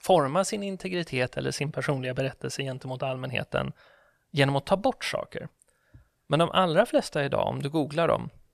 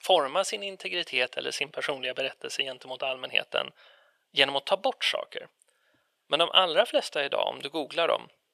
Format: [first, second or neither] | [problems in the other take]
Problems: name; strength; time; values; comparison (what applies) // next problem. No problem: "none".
first | thin; somewhat; fading below 500 Hz